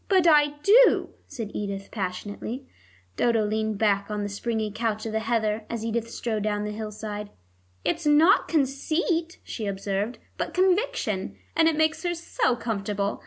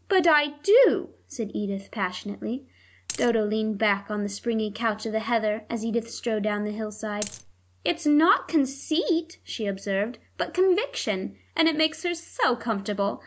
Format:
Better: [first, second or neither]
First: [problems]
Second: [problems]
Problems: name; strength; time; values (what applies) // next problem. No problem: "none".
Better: first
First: none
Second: background sound (Coin (dropping)); 11 dB below the speech